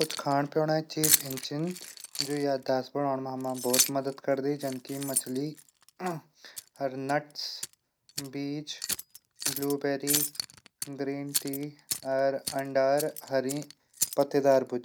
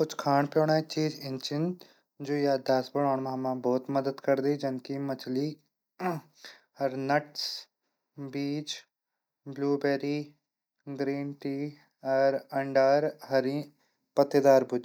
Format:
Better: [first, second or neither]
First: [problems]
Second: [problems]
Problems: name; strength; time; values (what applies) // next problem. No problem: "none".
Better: second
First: background sound (Keys jangling); 5 dB below the speech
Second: none